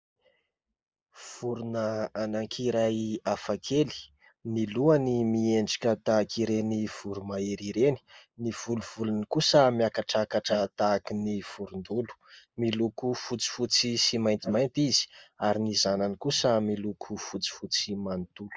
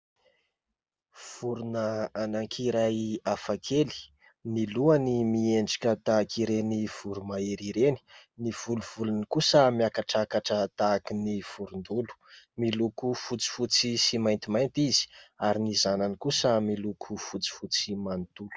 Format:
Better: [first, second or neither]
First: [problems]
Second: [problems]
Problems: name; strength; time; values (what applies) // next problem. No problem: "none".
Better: second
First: noise reduction (neural mask model Resemble Enhance denoiser)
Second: none